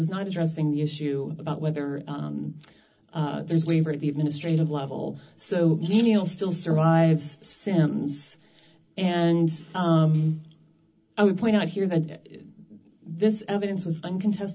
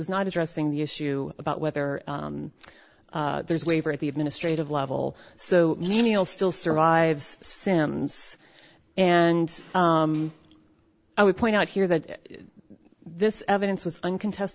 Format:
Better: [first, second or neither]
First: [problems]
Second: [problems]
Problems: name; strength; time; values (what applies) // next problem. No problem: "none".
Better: second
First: room echo; dies away in 0.4 s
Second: none